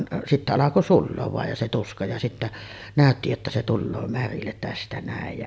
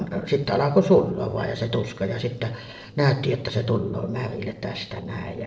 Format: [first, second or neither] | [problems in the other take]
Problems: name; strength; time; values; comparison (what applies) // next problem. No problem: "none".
first | noise reduction (neural separator model SepFormer DNS4)